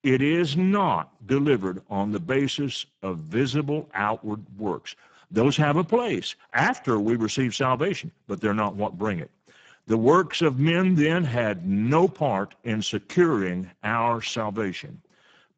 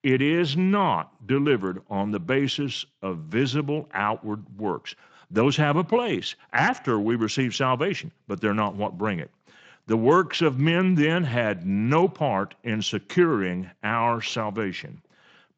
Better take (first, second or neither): second